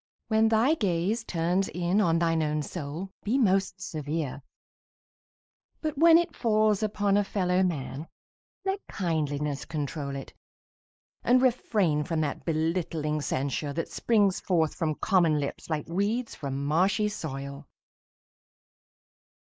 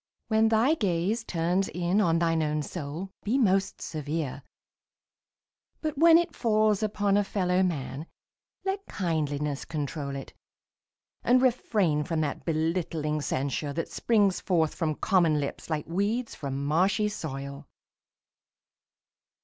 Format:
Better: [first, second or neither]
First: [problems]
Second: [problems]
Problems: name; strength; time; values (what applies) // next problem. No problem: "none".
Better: second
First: noise reduction (neural mask model Resemble Enhance denoiser)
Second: none